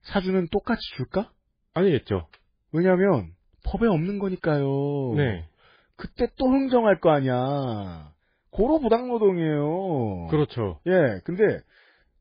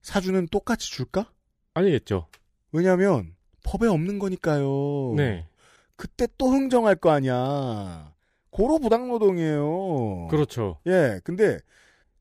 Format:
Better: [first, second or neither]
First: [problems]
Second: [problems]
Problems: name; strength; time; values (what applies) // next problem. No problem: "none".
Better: second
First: garbled, watery; badly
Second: none